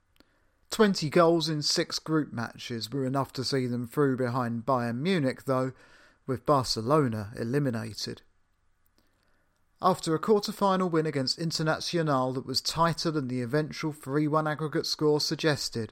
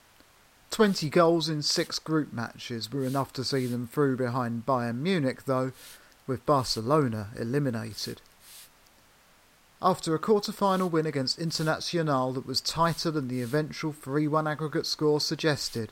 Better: first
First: none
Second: hiss; faint; throughout; 25 dB below the speech

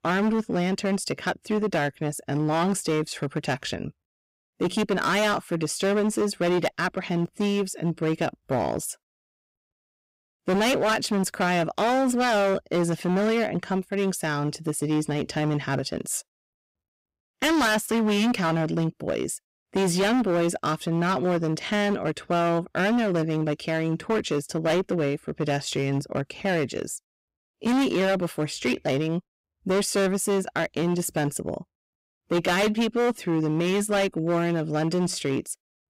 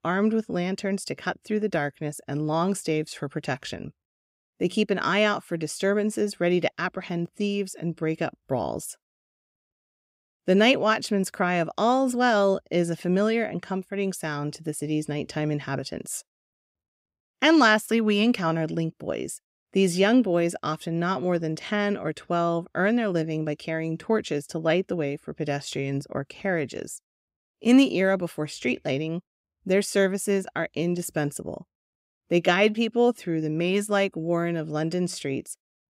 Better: second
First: distortion; heavy; 15% of the sound clipped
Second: none

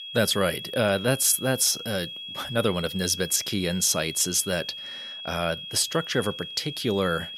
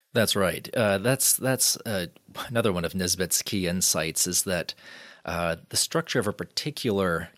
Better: second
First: high-pitched whine; noticeable; throughout; 3.5 kHz, 10 dB below the speech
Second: none

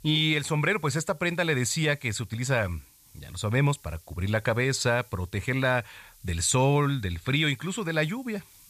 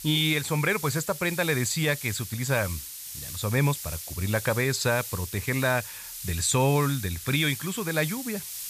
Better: first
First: hiss; faint; throughout; 25 dB below the speech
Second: hiss; loud; throughout; 9 dB below the speech

